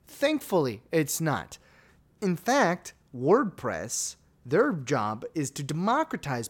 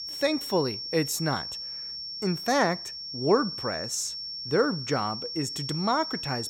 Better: first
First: none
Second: high-pitched whine; loud; throughout; 5.5 kHz, 5 dB below the speech

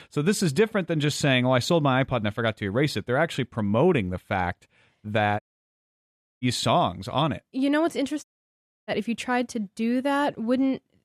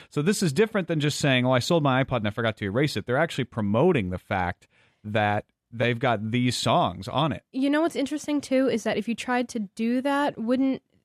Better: second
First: audio cutting out; at 5.5 s for 1 s and at 8 s for 0.5 s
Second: none

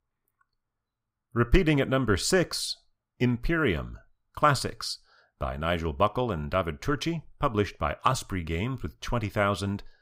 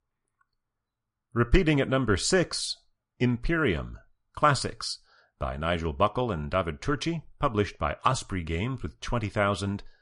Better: first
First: none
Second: garbled, watery; slightly; nothing above 10.5 kHz

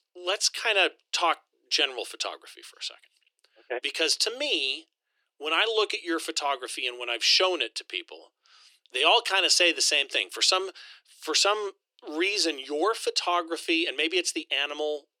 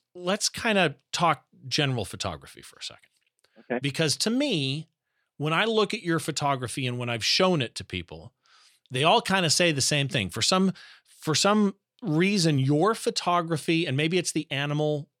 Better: second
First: thin; very; fading below 350 Hz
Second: none

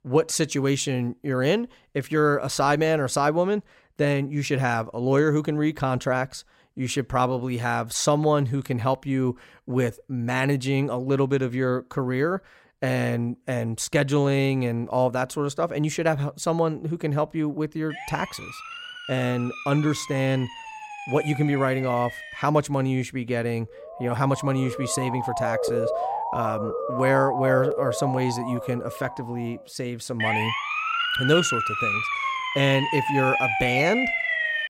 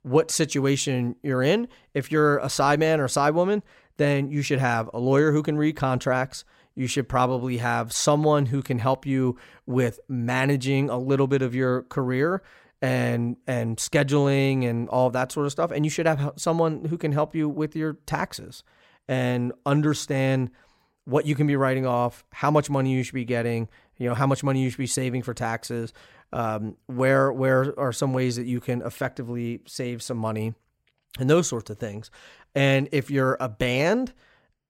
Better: second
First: siren; noticeable; from 18 to 22 s; peak 9 dB below the speech // siren; loud; from 24 to 29 s and from 30 s on; peak 2 dB above the speech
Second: none

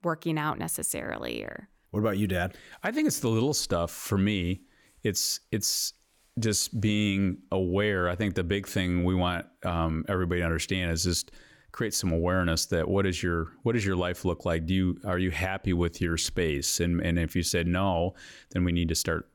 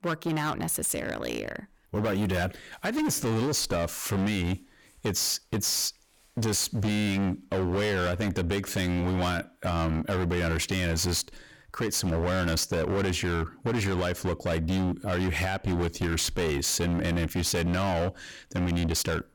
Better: first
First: none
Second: distortion; heavy; 27% of the sound clipped

